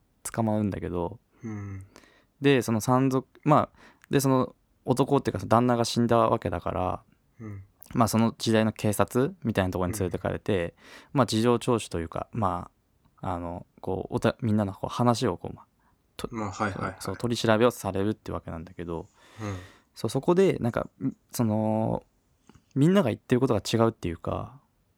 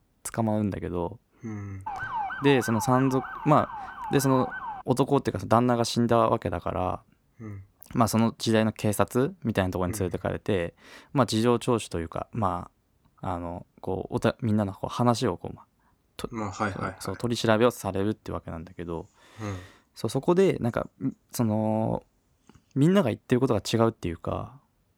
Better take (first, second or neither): first